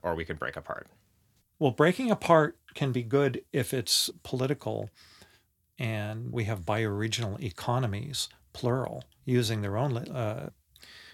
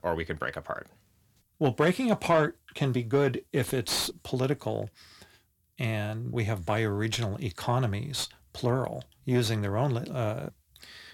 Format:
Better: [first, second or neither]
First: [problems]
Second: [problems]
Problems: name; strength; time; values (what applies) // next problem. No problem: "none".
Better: first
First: none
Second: distortion; slight; 10 dB below the speech